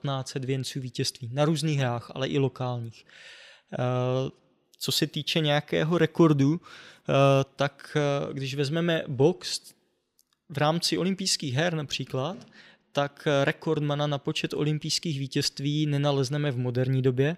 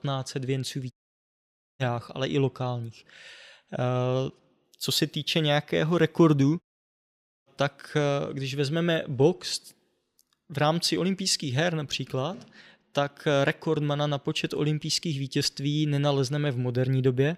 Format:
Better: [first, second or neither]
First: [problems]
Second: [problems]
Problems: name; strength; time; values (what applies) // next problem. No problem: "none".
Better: first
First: none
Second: audio cutting out; at 1 s for 1 s and at 6.5 s for 1 s